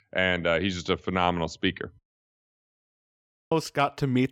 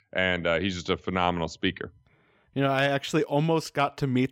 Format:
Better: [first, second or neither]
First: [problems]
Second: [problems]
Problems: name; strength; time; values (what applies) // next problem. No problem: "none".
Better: second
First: audio cutting out; at 2 s for 1.5 s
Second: none